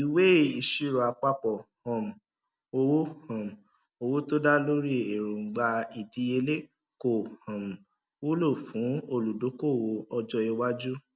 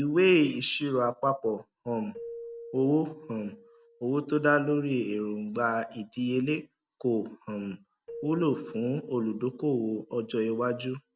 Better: first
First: none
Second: background sound (Keyboard (musical)); 20 dB below the speech

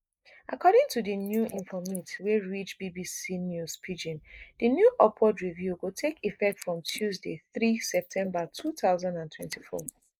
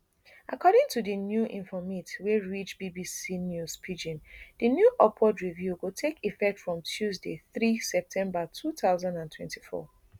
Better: second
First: noise reduction (neural mask model Resemble Enhance denoiser)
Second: none

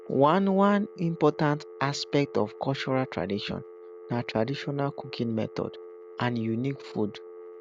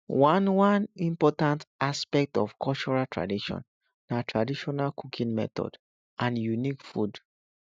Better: second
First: background sound (Telephone); 16 dB below the speech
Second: none

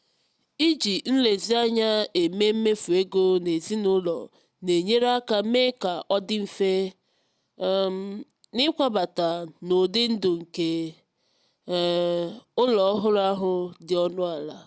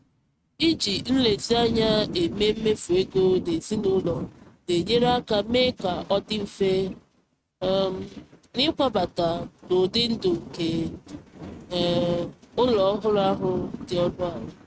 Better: first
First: none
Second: noise reduction (neural mask model RNNoise)

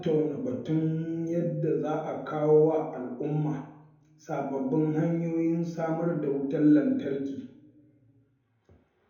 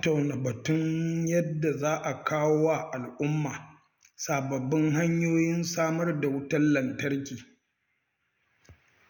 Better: second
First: room echo; dies away in 2.6 s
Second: none

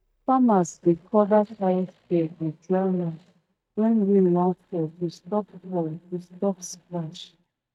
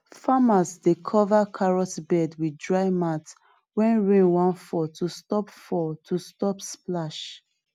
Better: second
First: noise reduction (neural mask model DeepFilterNet 3)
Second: none

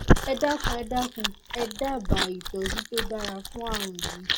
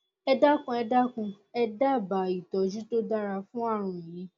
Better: second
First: background sound (Chewing, mastication); 4 dB above the speech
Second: none

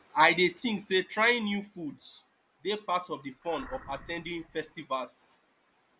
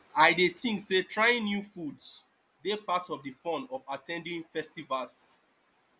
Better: second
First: background sound (Animal); 18 dB below the speech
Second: none

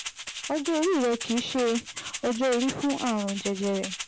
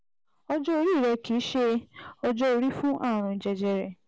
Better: second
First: background sound (Rattle (instrument)); 10 dB below the speech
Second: none

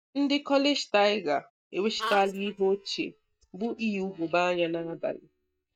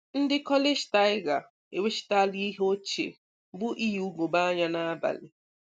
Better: second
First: noise reduction (neural mask model DeepFilterNet 3)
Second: none

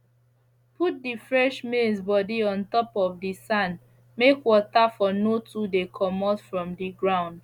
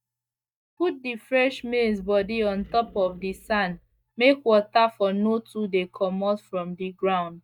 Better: first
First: none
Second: noise reduction (neural mask model DeepFilterNet 3)

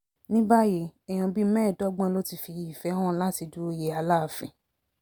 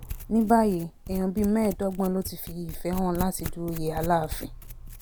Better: first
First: none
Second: background sound (Domestic sounds, home sounds); 10 dB below the speech

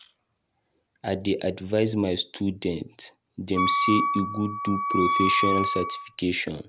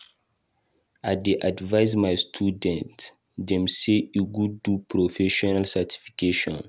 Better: second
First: background sound (Wind instrument, woodwind instrument); 2 dB above the speech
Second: none

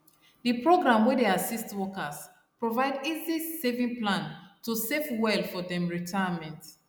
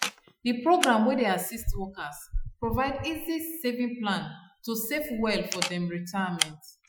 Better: first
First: none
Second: noise reduction (classical method Wiener filter)

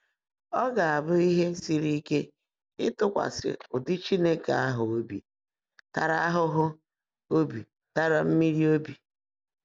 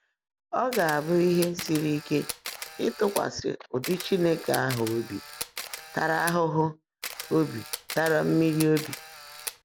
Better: first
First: none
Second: background sound (Camera); 12 dB below the speech

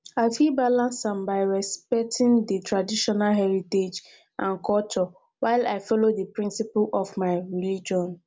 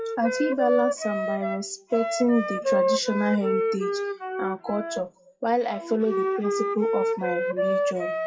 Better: first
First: none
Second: noise reduction (classical method WPE with log-MMSE)

